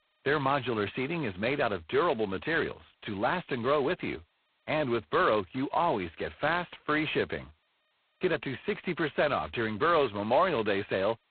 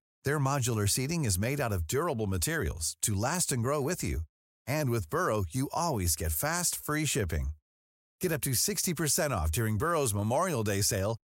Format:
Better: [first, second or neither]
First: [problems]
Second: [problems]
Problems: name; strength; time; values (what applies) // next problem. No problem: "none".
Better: second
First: phone-call audio; poor line; nothing above 4 kHz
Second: none